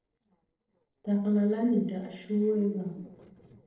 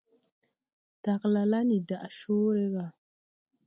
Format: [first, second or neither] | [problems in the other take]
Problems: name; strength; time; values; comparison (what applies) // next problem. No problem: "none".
second | noise reduction (neural separator model SepFormer DNS4)